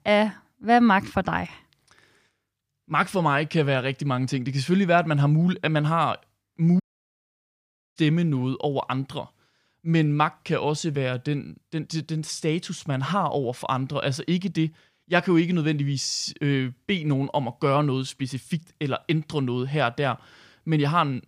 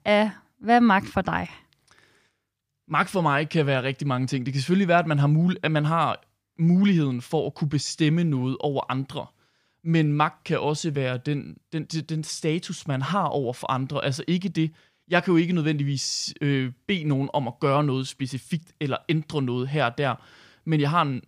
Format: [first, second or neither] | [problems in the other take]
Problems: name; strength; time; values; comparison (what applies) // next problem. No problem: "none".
second | audio cutting out; at 7 s for 1 s